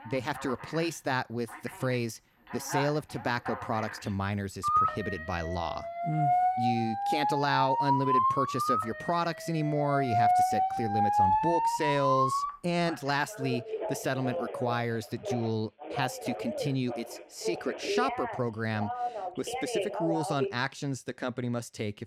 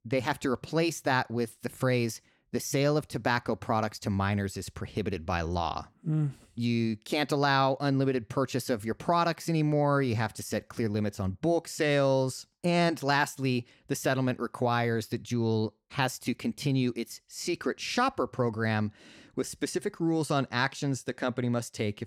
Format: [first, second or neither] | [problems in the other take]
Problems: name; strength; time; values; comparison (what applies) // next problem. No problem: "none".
second | alarms or sirens; very loud; throughout; 2 dB above the speech